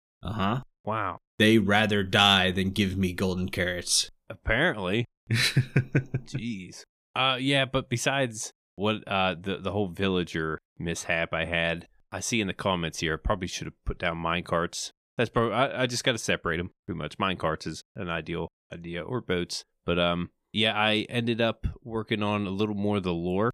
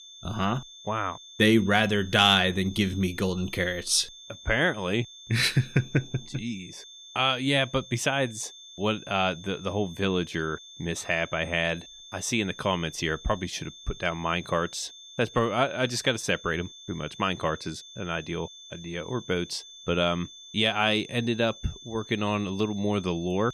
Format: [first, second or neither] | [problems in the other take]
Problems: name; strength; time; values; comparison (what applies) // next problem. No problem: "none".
first | high-pitched whine; noticeable; throughout; 3.5 kHz, 15 dB below the speech